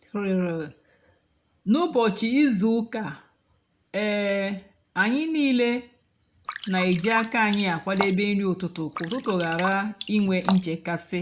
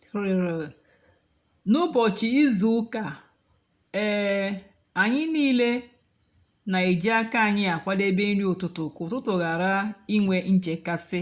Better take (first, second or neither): second